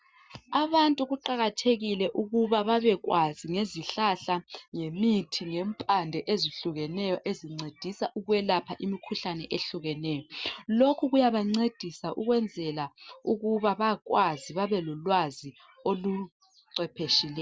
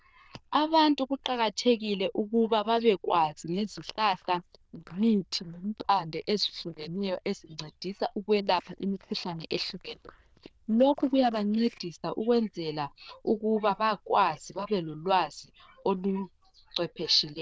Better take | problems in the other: first | noise reduction (neural diffusion model UNIVERSE++)

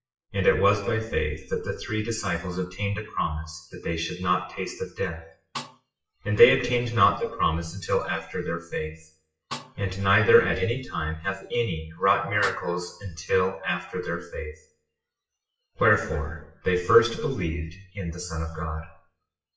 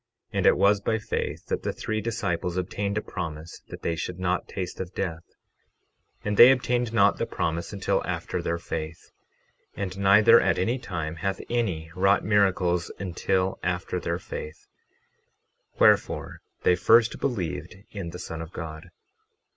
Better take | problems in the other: second | noise reduction (classical method WPE with log-MMSE)

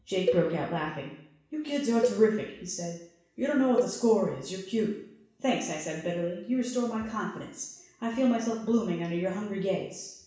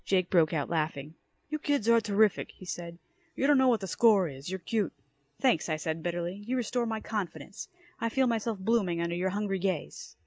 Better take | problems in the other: second | background sound (Cowbell); 7 dB below the speech // room echo; dies away in 0.7 s

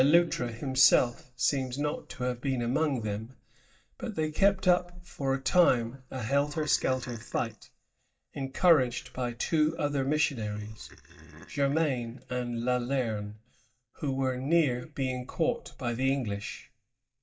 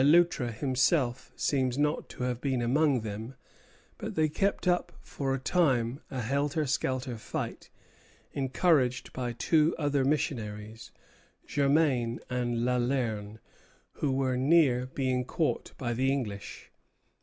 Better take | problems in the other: second | noise reduction (neural mask model DeepFilterNet 3)

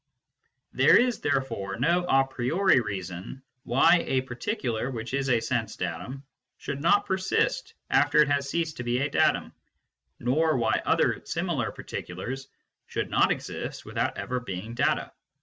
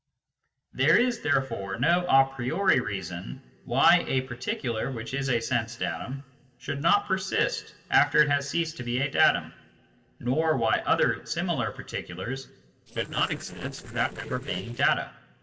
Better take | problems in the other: first | noise reduction (neural separator model SepFormer DNS4)

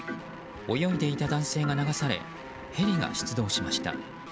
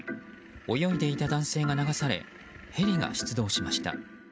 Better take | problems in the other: second | background sound (Guitar); 13 dB below the speech

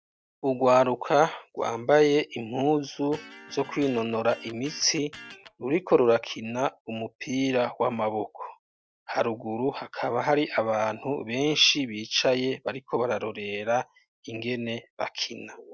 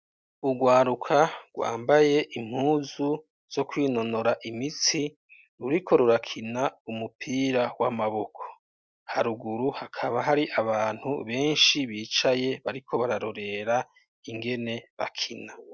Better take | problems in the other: second | background sound (Electric guitar); 19 dB below the speech

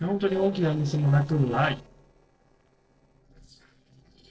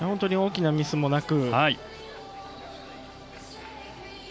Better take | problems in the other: second | noise reduction (neural separator model SepFormer DNS4)

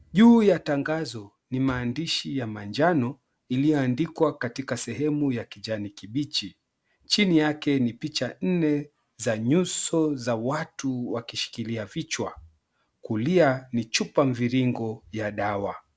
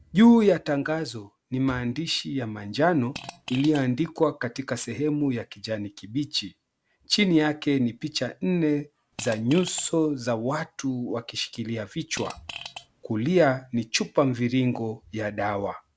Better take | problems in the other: first | background sound (Fart); 15 dB below the speech

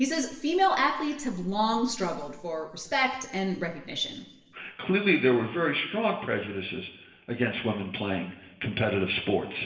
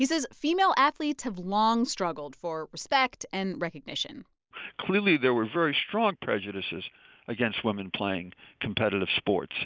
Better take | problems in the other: second | room echo; dies away in 1.1 s

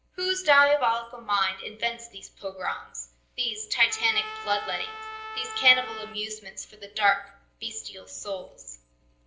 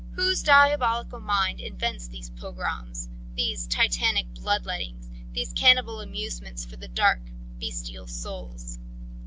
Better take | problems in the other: second | noise reduction (neural separator model SepFormer DNS4)

